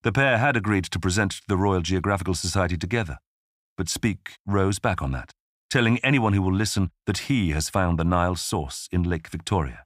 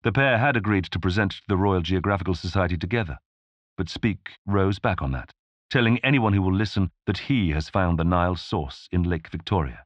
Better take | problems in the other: first | muffled; slightly; fading above 4 kHz

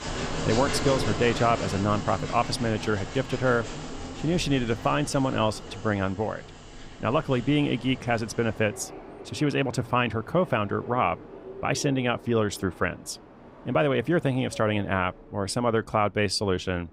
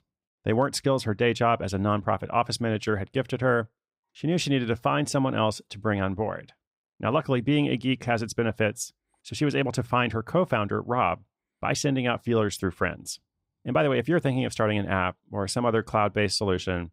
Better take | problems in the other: second | train or aircraft noise; noticeable; throughout; 10 dB below the speech

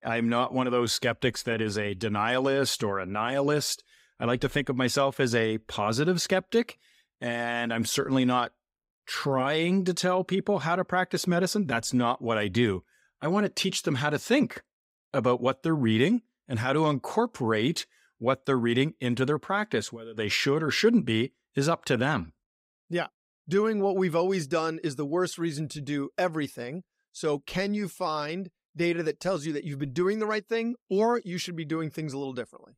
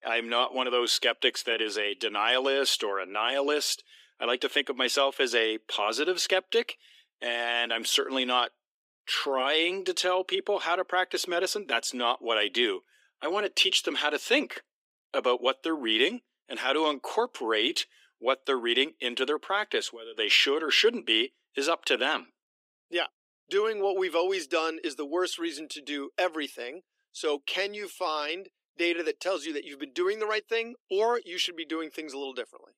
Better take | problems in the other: first | thin; somewhat; fading below 300 Hz

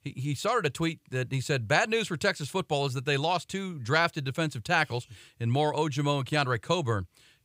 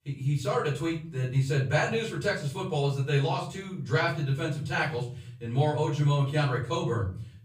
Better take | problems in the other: first | room echo; slight; dies away in 0.6 s // off-mic speech; far

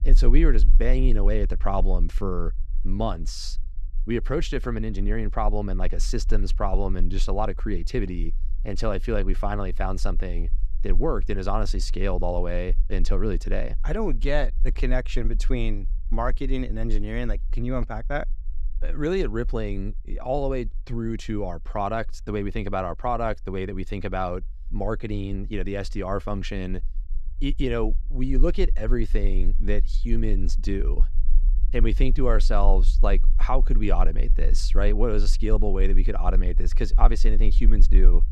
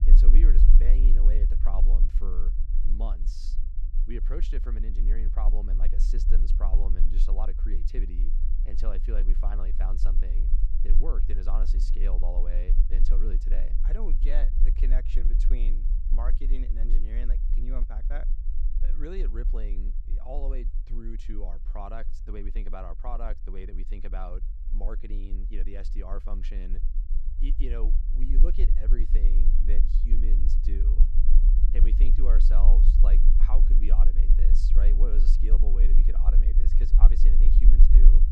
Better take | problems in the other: first | low rumble; loud; throughout; 6 dB below the speech; faint in the first

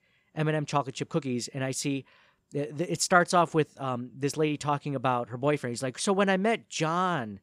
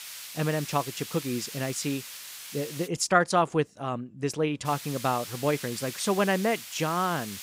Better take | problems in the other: first | hiss; noticeable; until 3 s and from 4.5 s on; 10 dB below the speech

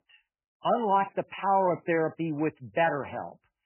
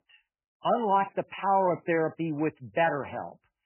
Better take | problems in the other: neither | garbled, watery; badly; nothing above 3 kHz; the same in both

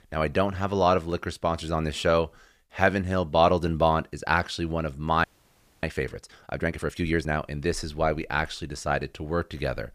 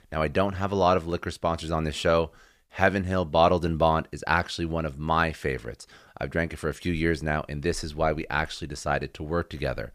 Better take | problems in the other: second | audio freezing; at 5 s for 0.5 s

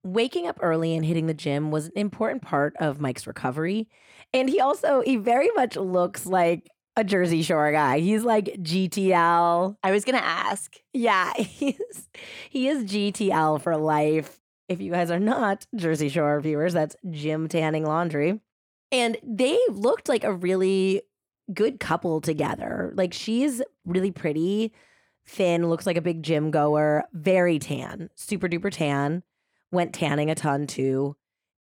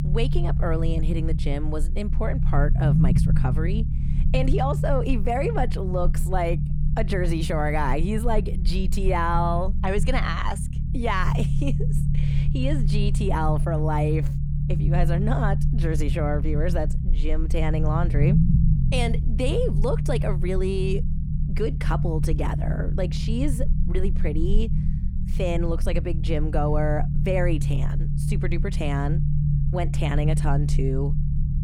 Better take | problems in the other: first | low rumble; loud; throughout; 8 dB below the speech

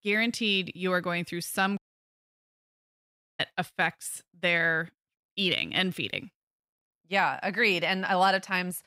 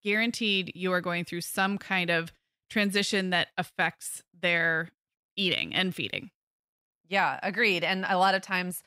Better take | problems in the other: second | audio cutting out; at 2 s for 1.5 s

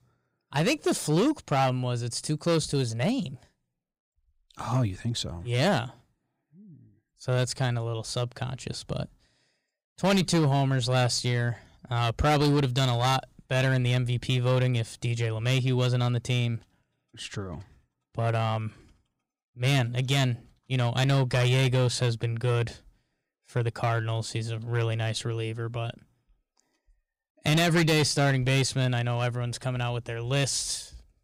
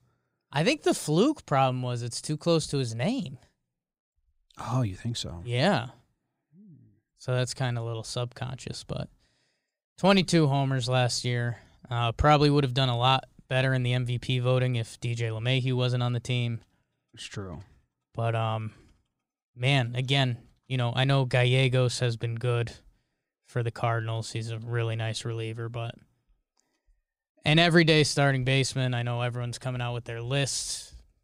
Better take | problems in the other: second | distortion; slight; 6% of the sound clipped

